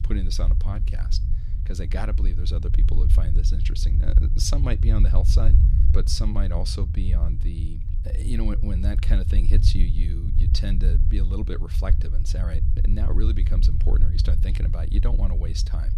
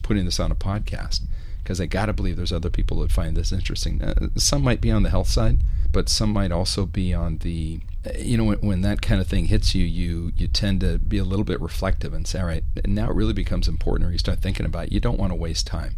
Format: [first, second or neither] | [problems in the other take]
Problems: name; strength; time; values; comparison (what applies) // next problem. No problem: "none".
second | low rumble; loud; throughout; 6 dB below the speech; faint in the second